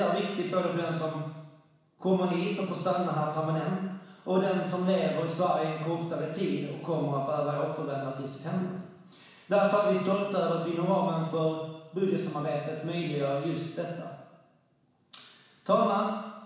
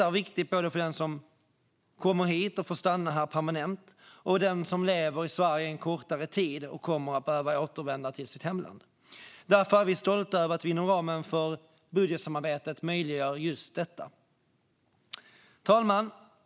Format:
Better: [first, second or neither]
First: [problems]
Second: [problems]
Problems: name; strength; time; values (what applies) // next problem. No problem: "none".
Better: second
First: room echo; dies away in 1.1 s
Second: none